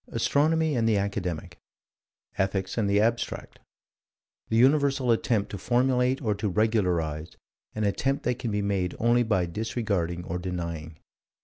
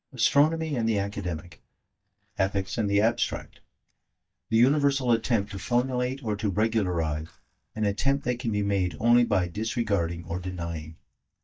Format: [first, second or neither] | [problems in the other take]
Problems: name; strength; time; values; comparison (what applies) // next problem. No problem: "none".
first | noise reduction (neural mask model DeepFilterNet 3)